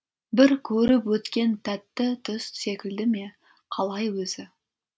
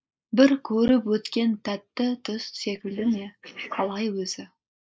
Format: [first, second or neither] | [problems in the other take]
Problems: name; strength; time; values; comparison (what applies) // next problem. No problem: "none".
first | noise reduction (neural mask model Resemble Enhance denoiser)